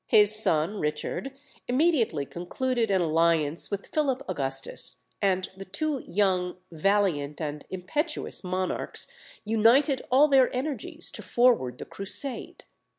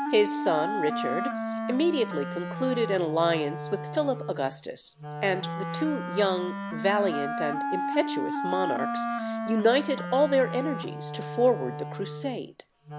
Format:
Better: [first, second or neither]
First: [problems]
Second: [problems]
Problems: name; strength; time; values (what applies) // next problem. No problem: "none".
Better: first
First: none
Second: background sound (Wind instrument, woodwind instrument); 5 dB below the speech